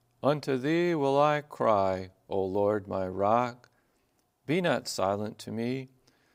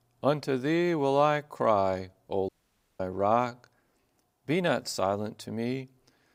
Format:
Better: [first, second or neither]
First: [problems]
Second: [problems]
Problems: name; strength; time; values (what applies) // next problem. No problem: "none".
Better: first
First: none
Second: audio cutting out; at 2.5 s for 0.5 s